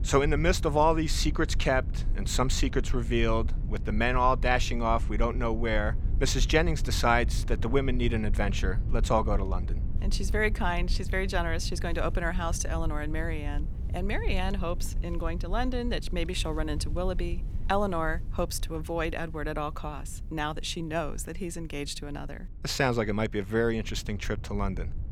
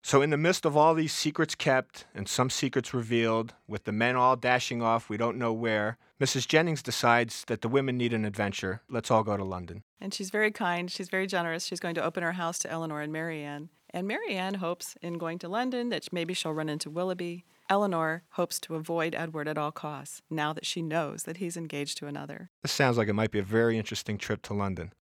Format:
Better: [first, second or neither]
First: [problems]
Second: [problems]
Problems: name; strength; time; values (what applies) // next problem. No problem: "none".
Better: second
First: low rumble; faint; throughout; 20 dB below the speech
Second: none